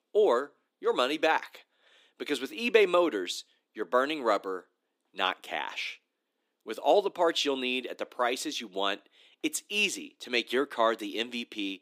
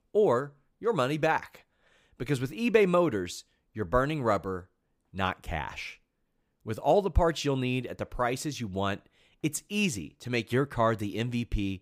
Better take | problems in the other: second | thin; somewhat; fading below 250 Hz

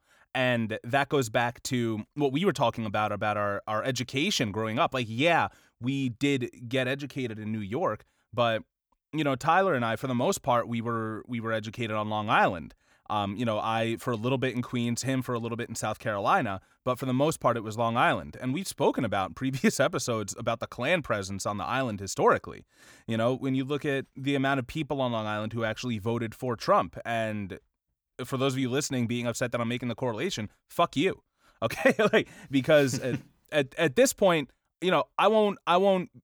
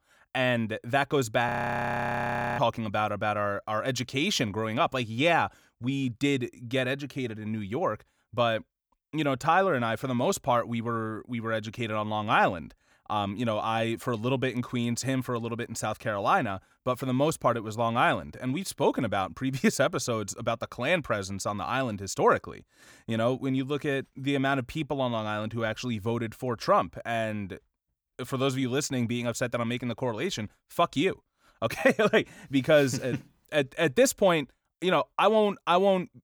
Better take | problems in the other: first | audio freezing; at 1.5 s for 1 s

